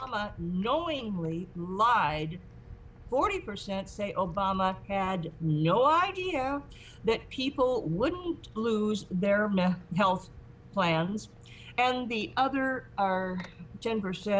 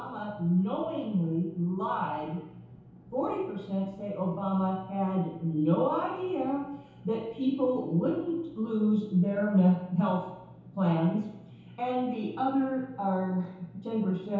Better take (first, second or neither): first